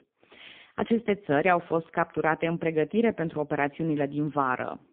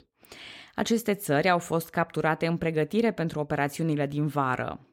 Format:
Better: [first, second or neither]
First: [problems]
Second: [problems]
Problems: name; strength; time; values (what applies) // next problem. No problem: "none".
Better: second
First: phone-call audio; poor line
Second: none